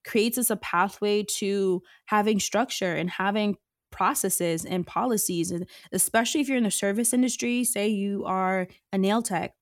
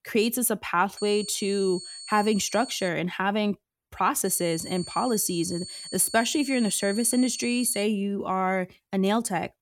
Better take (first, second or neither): first